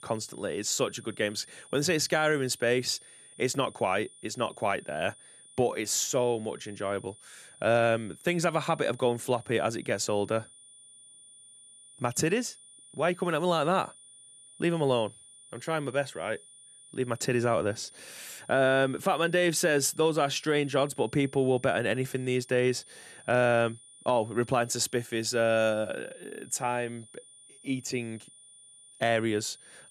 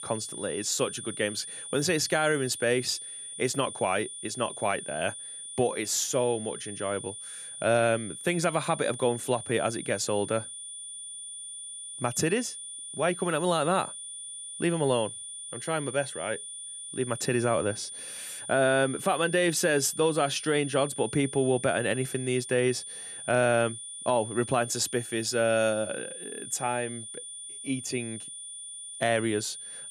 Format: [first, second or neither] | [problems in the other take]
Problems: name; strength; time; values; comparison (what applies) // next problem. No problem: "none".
first | high-pitched whine; loud; throughout; 9 kHz, 9 dB below the speech; faint in the first